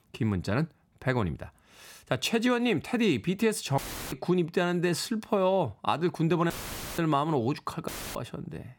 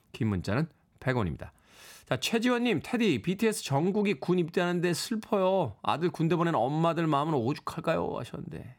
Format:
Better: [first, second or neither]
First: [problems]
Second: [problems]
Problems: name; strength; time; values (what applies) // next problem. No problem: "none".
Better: second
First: audio cutting out; filled with static; at 4 s, at 6.5 s and at 8 s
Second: none